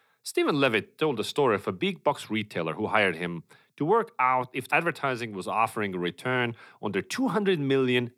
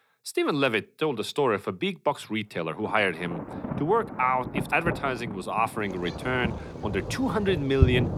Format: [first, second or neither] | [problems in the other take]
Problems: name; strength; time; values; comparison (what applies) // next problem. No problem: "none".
first | rain or running water; loud; from 3 s on; 6 dB below the speech